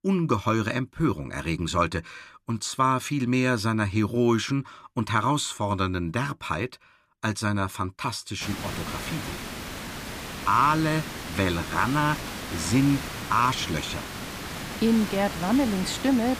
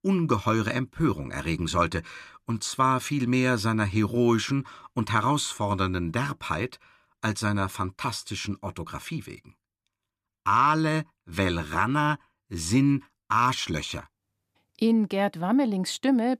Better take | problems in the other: second | hiss; loud; from 8.5 s on; 8 dB below the speech

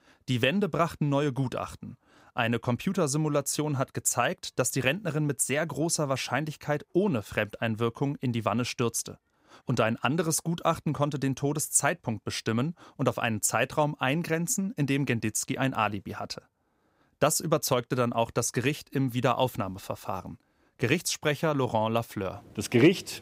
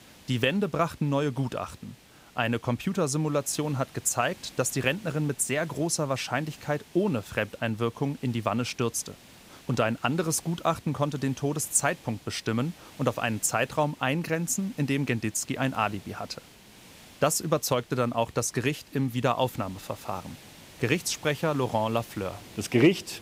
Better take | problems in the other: first | hiss; faint; throughout; 20 dB below the speech

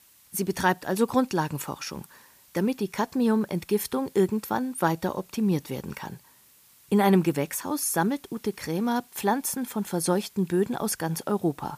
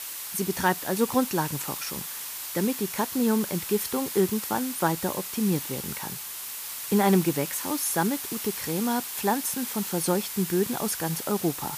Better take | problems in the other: first | hiss; loud; throughout; 5 dB below the speech; faint in the first

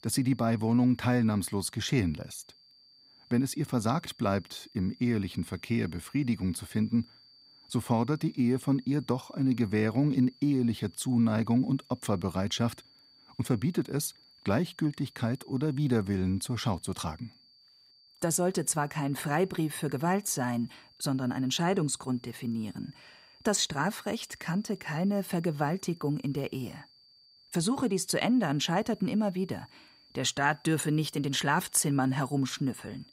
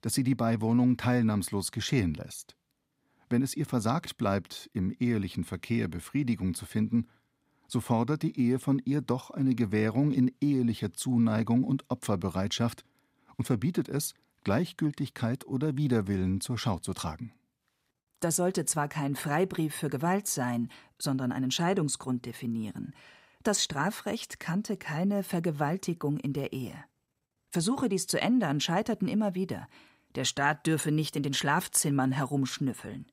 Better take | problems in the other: second | high-pitched whine; faint; throughout; 4.5 kHz, 25 dB below the speech

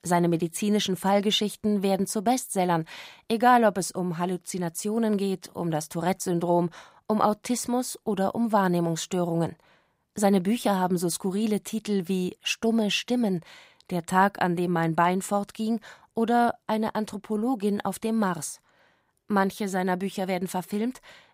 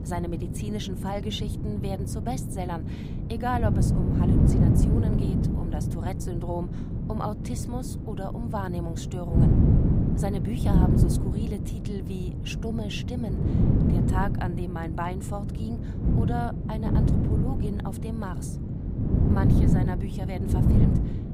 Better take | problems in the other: first | wind noise on the microphone; heavy; as loud as the speech

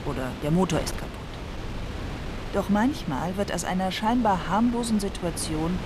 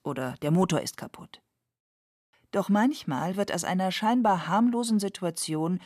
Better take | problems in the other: second | wind noise on the microphone; occasional gusts; 10 dB below the speech

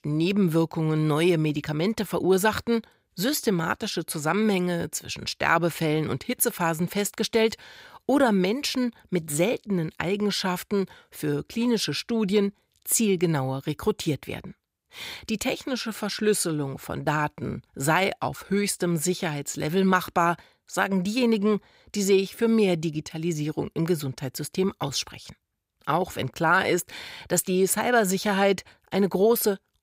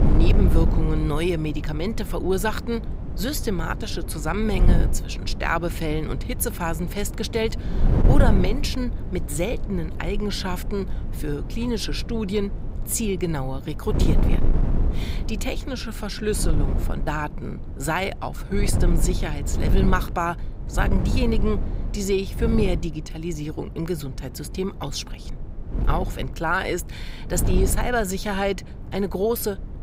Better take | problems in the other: first | wind noise on the microphone; heavy; 10 dB below the speech

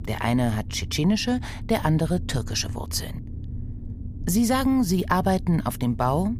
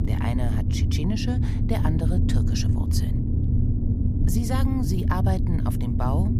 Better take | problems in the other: first | low rumble; loud; throughout; 2 dB below the speech; faint in the first

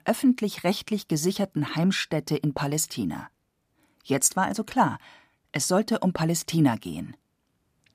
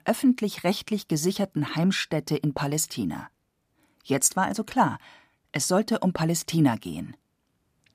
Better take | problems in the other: neither | none

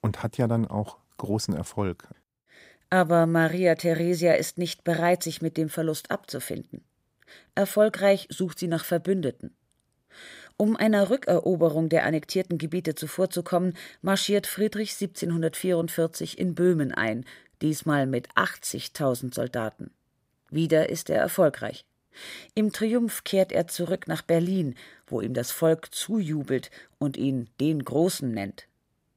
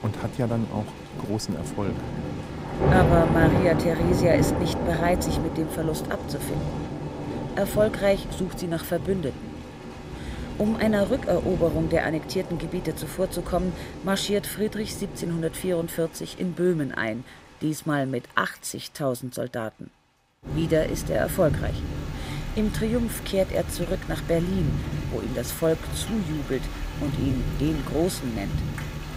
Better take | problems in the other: first | rain or running water; loud; throughout; 3 dB below the speech

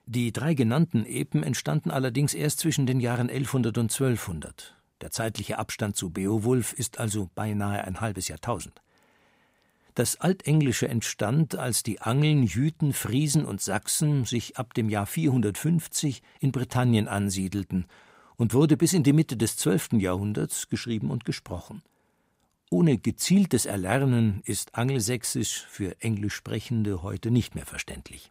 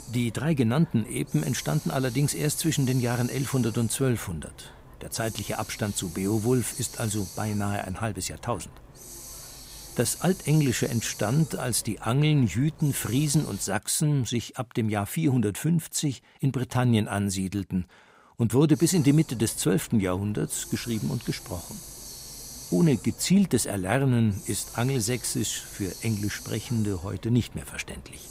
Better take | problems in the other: first | hiss; noticeable; until 14 s and from 19 s on; 15 dB below the speech

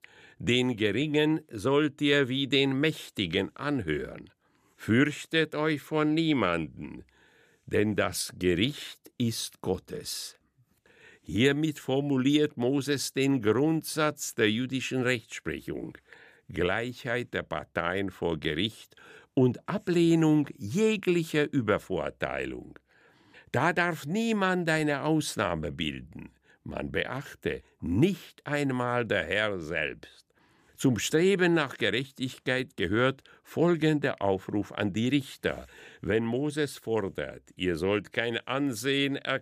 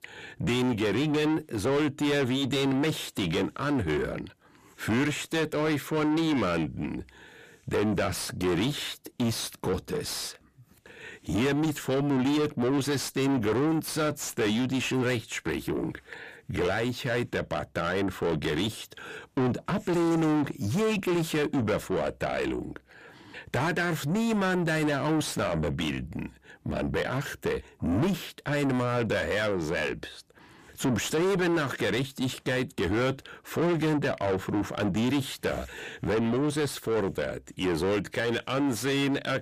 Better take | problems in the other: first | distortion; heavy; 6 dB below the speech

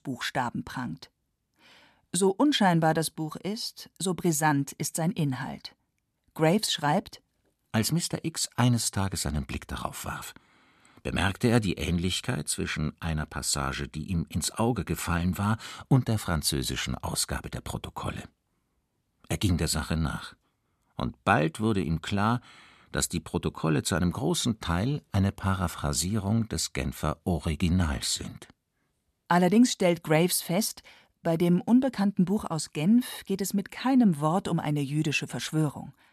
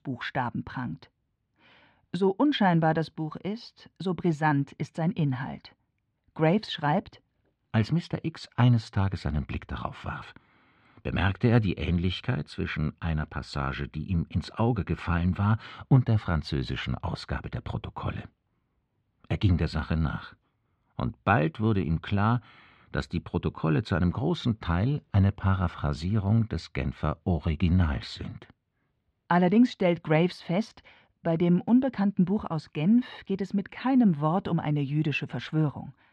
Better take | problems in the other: first | muffled; slightly; fading above 3 kHz

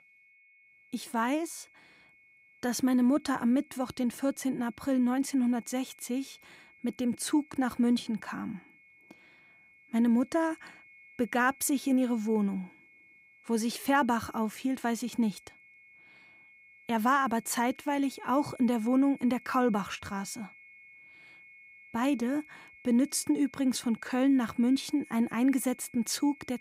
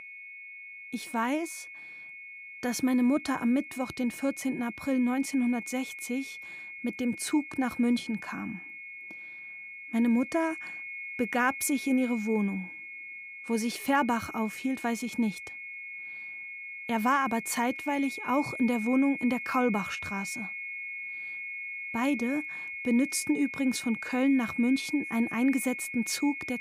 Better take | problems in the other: first | high-pitched whine; loud; throughout; 2 kHz, 9 dB below the speech; faint in the first

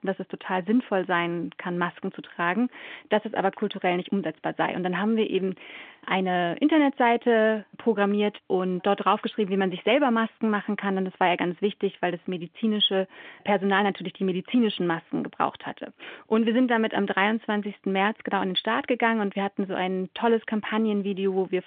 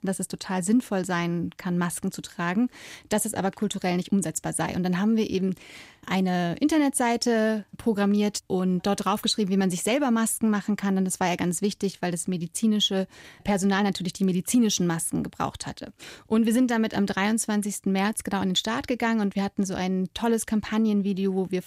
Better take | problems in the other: second | phone-call audio; nothing above 3.5 kHz

